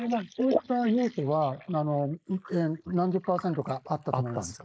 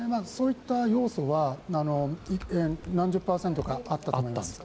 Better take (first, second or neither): second